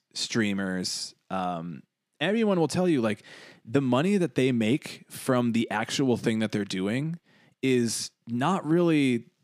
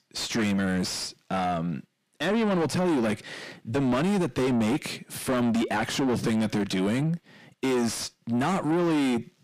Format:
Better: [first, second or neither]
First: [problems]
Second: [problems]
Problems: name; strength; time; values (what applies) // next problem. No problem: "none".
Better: first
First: none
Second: distortion; heavy; 6 dB below the speech